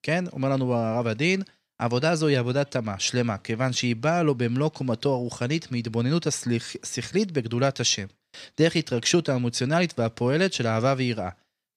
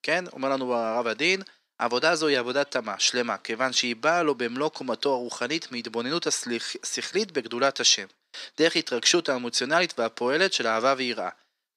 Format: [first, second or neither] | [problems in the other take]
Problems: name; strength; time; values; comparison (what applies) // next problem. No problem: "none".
first | thin; somewhat; fading below 300 Hz